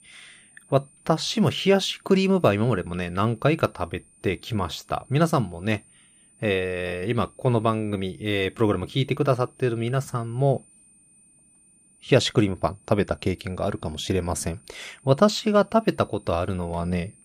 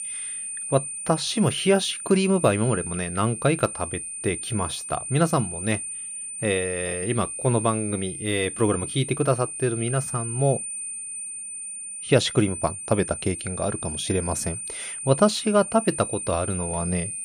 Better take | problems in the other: first | high-pitched whine; loud; throughout; 9 kHz, 6 dB below the speech; faint in the first

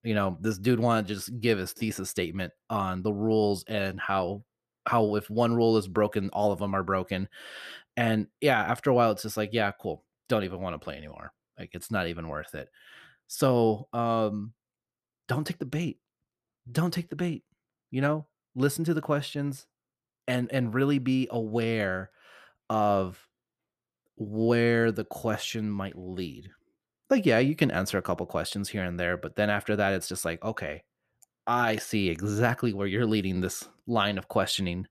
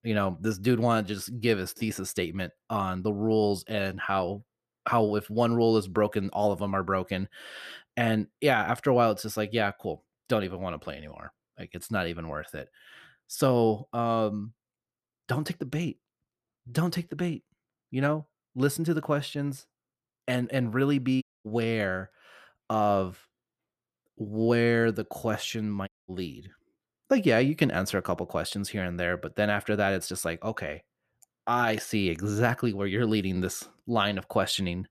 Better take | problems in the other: first | audio cutting out; at 21 s and at 26 s

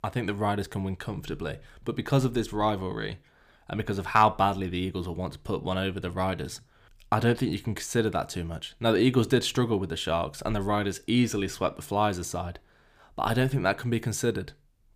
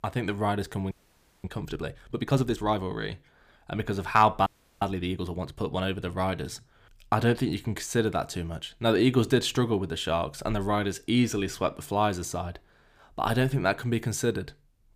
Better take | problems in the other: first | audio freezing; at 1 s for 0.5 s and at 4.5 s

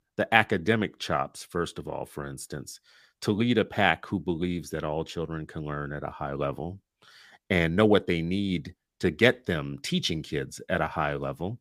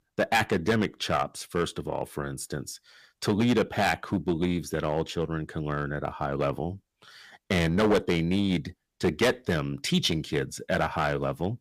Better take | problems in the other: first | distortion; heavy; 4% of the sound clipped

